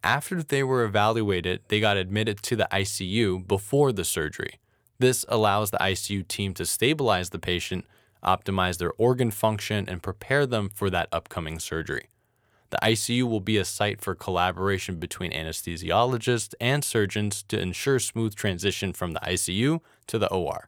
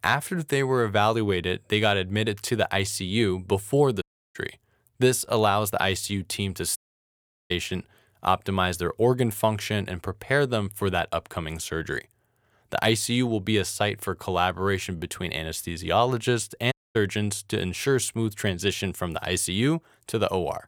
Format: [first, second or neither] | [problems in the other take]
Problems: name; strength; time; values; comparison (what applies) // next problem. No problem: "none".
first | audio cutting out; at 4 s, at 7 s for 0.5 s and at 17 s